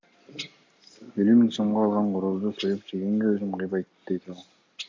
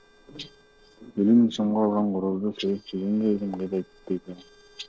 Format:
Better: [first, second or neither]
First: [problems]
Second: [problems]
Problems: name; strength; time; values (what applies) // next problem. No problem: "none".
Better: first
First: none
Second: noise reduction (neural separator model SepFormer DNS4)